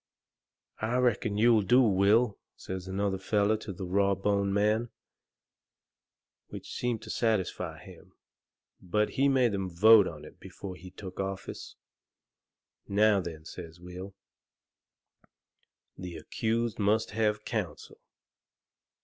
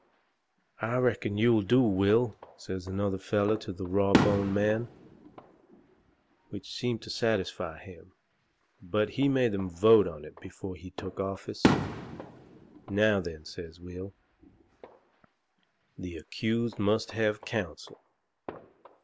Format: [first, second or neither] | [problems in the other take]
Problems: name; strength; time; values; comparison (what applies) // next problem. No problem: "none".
first | background sound (Fireworks); 8 dB below the speech